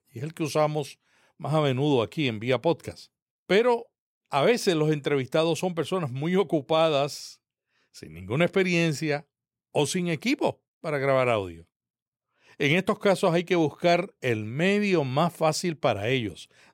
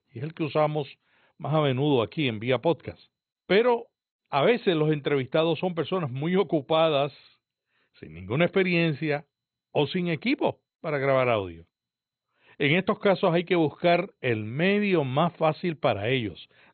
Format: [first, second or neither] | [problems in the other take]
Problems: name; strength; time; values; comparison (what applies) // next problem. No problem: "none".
first | garbled, watery; badly; nothing above 4 kHz